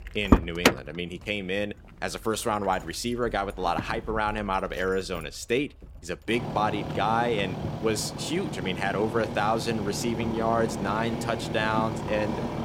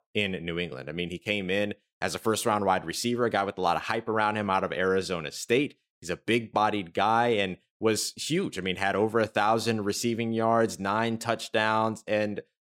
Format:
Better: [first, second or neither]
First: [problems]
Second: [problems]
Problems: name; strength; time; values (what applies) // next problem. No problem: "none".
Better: second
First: traffic noise; loud; throughout; 2 dB below the speech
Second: none